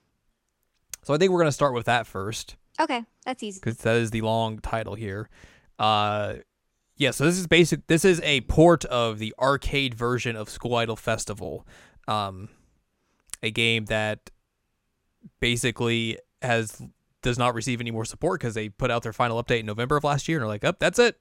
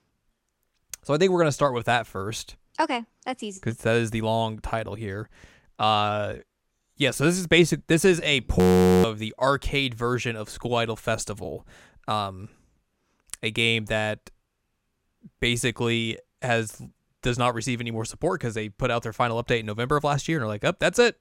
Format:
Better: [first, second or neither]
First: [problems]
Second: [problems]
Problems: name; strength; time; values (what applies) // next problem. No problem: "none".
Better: first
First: none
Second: audio freezing; at 8.5 s